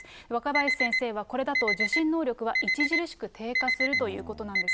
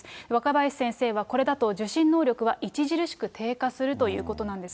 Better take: second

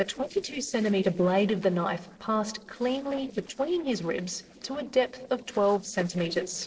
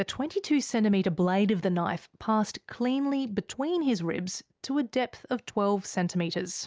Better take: second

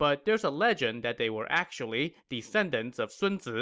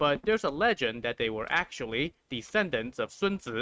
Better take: first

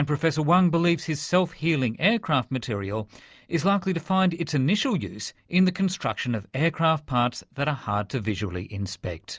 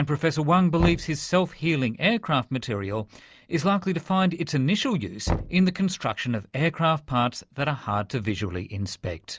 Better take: first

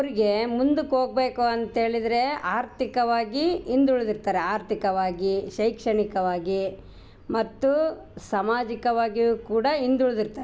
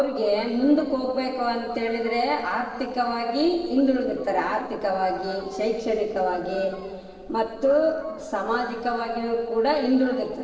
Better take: first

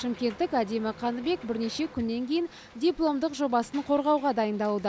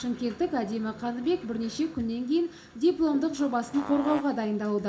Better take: first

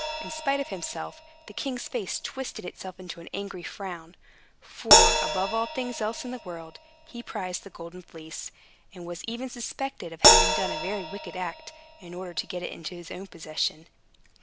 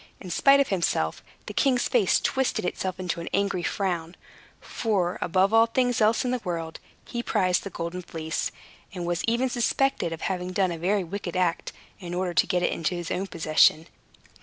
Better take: second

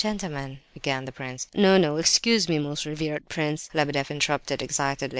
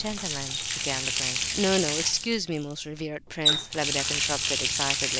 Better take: first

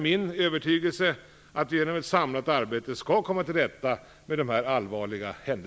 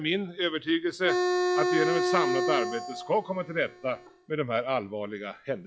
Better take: first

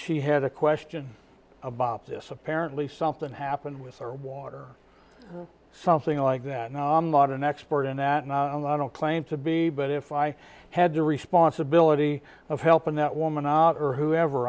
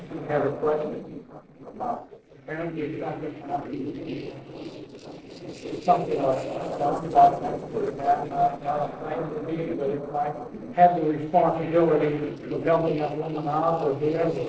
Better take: first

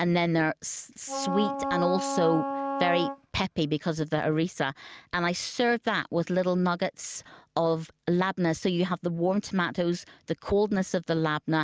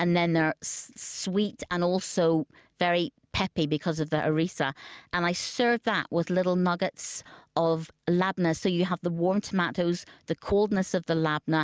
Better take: second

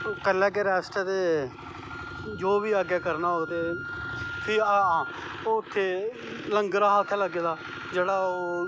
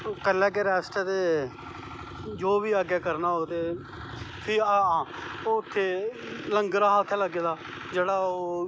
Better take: second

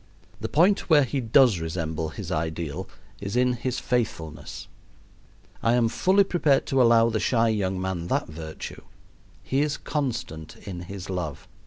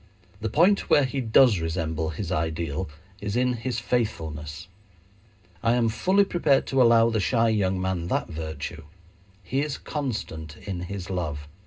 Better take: first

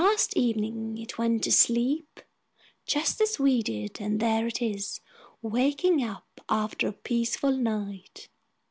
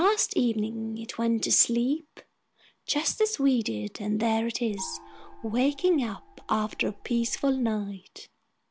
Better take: first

